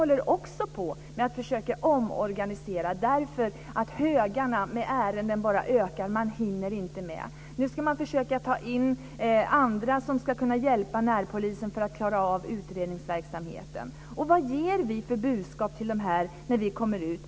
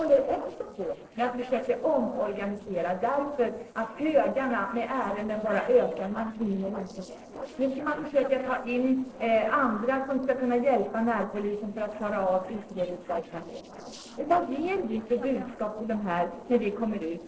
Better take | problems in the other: first | noise reduction (neural separator model SepFormer DNS4)

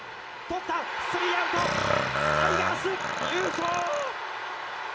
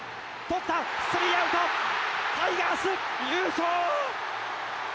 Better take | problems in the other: second | background sound (Burping, eructation); 1 dB below the speech // room echo; dies away in 0.2 s

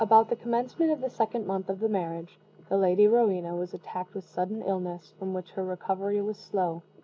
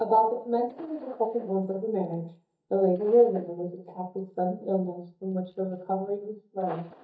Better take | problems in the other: first | noise reduction (neural mask model DeepFilterNet 3)

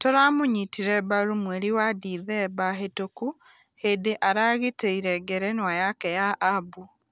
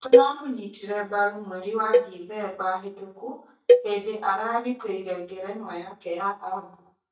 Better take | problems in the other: first | noise reduction (neural mask model DeepFilterNet 3)

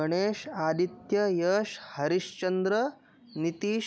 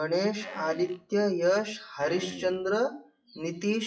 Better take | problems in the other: first | noise reduction (classical method WPE with log-MMSE)

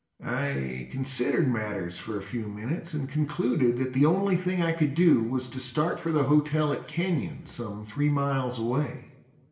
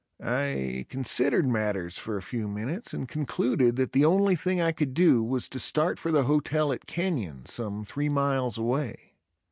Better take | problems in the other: second | room echo; dies away in 0.8 s

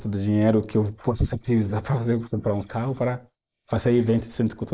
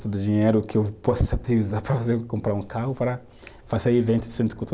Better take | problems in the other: second | noise reduction (neural mask model Resemble Enhance denoiser)

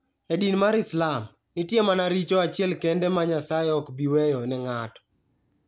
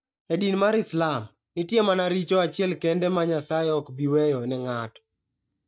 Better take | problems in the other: first | noise reduction (neural mask model DeepFilterNet 3)

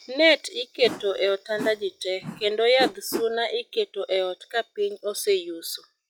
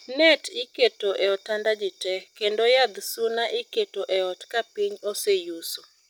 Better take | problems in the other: second | noise reduction (classical method log-MMSE)

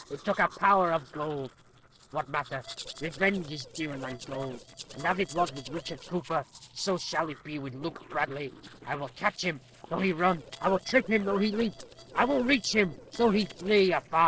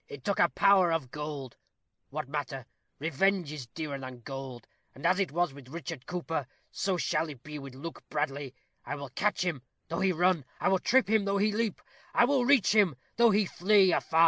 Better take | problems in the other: second | noise reduction (neural separator model SepFormer DNS4)

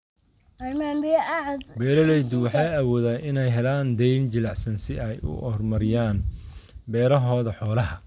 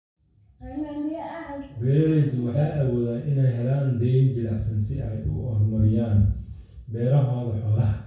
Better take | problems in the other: first | room echo; dies away in 0.6 s

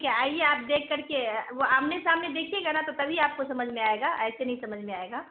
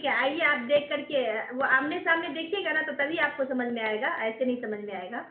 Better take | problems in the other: first | room echo; dies away in 0.3 s

